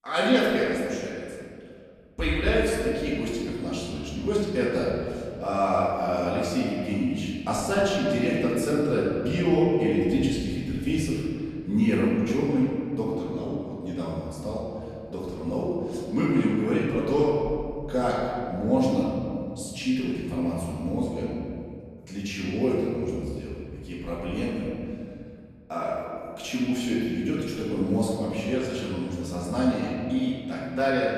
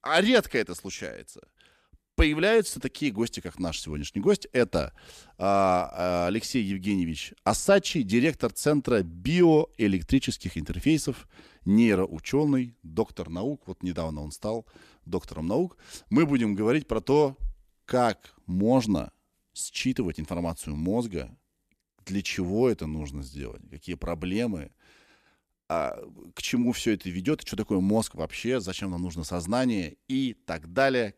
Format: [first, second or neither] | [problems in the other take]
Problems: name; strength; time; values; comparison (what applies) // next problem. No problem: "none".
second | off-mic speech; far // room echo; strong; dies away in 2.2 s